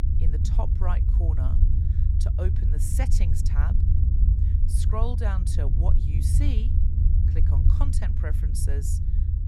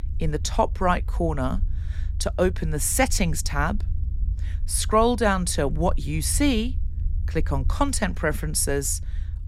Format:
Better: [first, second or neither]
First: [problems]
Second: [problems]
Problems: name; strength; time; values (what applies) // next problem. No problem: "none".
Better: second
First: low rumble; loud; throughout; 2 dB below the speech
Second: low rumble; faint; throughout; 25 dB below the speech